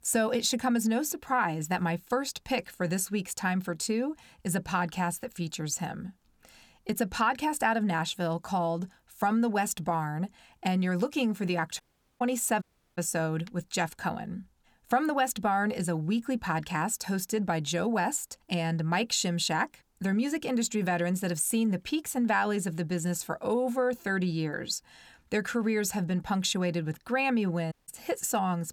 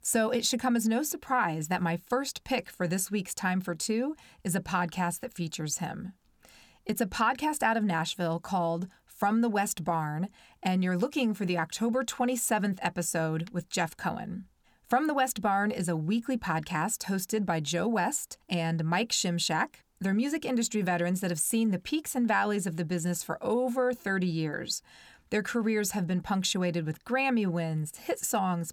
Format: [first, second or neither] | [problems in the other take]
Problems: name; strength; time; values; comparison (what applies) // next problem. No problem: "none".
second | audio cutting out; at 12 s, at 13 s and at 28 s